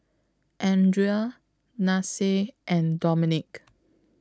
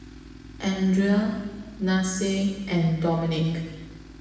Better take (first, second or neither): first